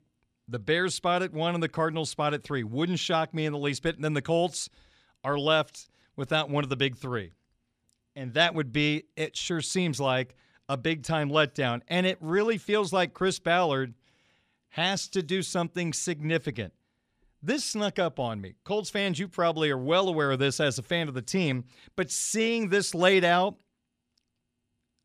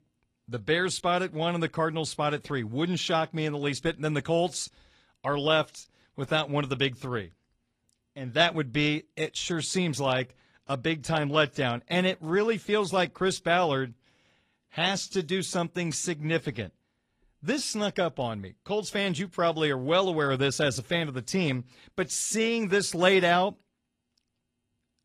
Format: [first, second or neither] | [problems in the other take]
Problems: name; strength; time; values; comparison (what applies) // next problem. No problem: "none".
first | garbled, watery; slightly; nothing above 14.5 kHz